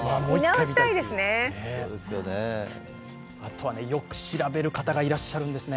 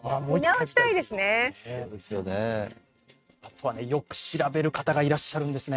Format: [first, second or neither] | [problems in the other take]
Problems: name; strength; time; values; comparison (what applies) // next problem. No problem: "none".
first | noise reduction (neural mask model RNNoise)